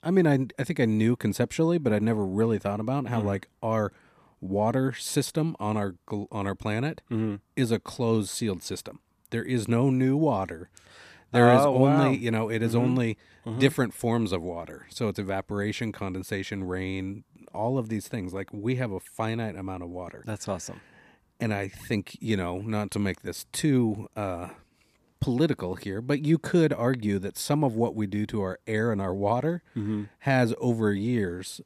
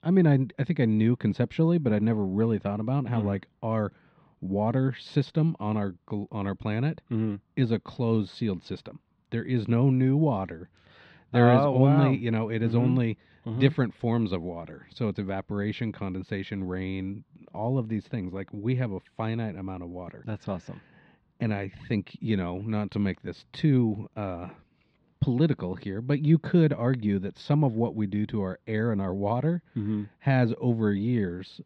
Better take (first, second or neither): first